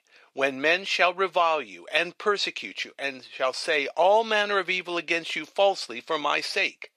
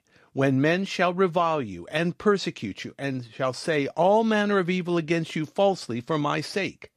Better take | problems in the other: second | thin; very; fading below 600 Hz

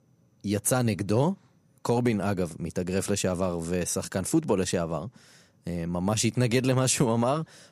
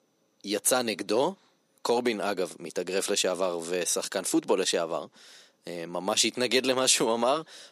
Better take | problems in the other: first | thin; somewhat; fading below 300 Hz

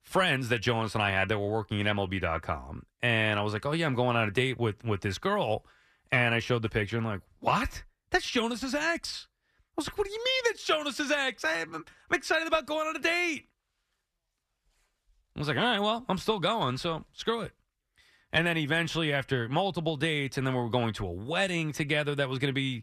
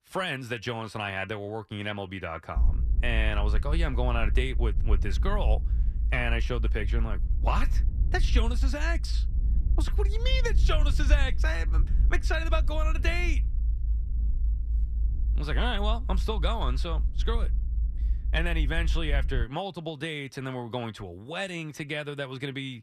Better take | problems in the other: first | low rumble; noticeable; from 2.5 to 19 s; 15 dB below the speech

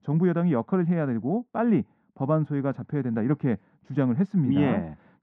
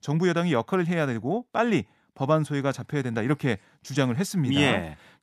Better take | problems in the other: second | muffled; very; fading above 1.5 kHz

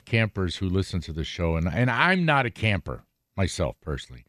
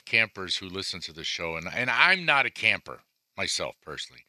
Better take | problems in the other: first | thin; somewhat; fading below 1 kHz

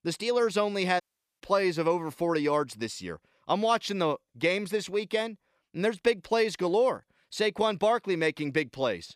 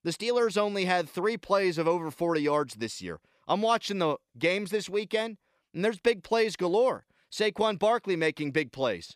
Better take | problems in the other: second | audio cutting out; at 1 s

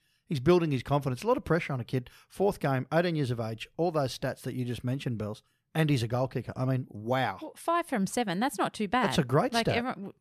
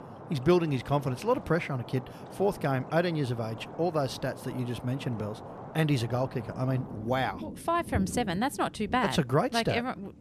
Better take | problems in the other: first | rain or running water; noticeable; throughout; 15 dB below the speech

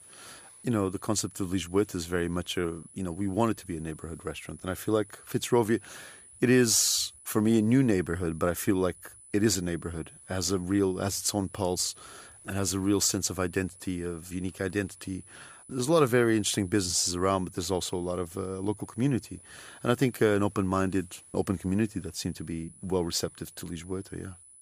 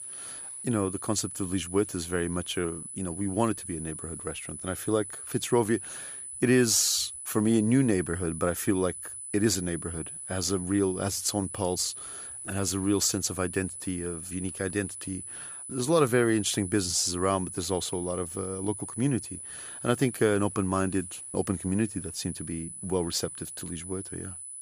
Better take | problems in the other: first | high-pitched whine; loud; throughout; 10 kHz, 9 dB below the speech; faint in the first

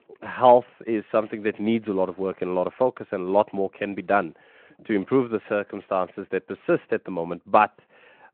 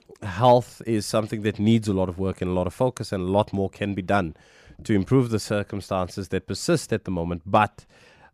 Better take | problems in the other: second | phone-call audio

